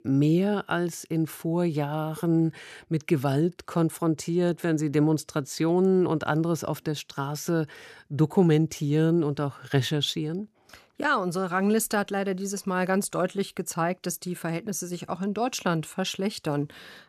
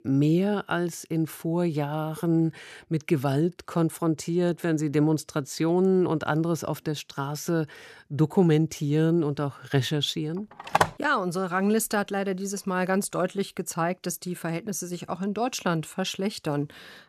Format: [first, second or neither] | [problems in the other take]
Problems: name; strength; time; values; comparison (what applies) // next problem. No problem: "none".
first | phone ringing; loud; at 11 s; peak 2 dB above the speech